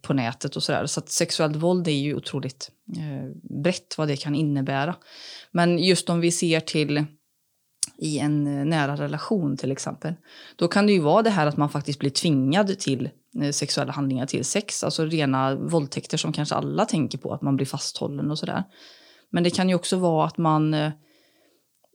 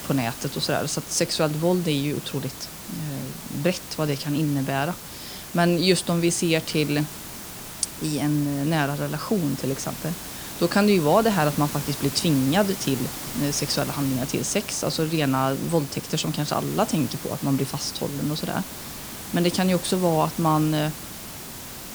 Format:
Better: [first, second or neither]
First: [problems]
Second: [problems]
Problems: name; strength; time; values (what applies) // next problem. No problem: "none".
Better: first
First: none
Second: hiss; loud; throughout; 10 dB below the speech